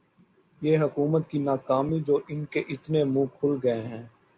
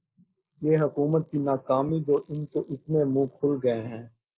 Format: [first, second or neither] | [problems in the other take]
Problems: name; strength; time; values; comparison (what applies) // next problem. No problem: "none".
first | noise reduction (neural mask model Resemble Enhance denoiser)